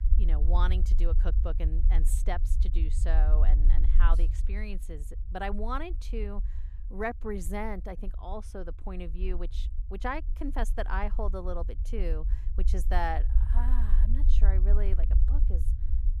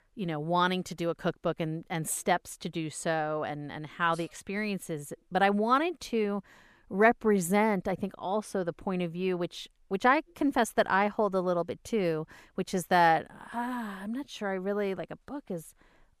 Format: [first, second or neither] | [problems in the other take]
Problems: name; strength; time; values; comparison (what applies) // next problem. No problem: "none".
second | low rumble; noticeable; throughout; 15 dB below the speech